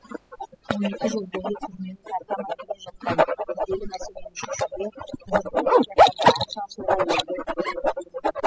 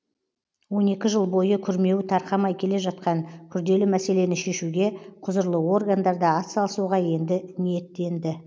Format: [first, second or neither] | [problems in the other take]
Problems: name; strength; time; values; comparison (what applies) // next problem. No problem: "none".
second | noise reduction (classical method spectral subtraction)